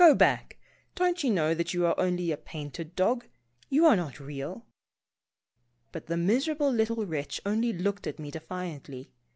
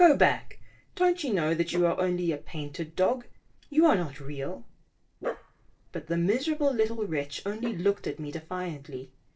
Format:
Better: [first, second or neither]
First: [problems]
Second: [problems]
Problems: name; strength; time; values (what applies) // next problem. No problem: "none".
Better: first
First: none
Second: noise reduction (neural separator model SepFormer DNS4)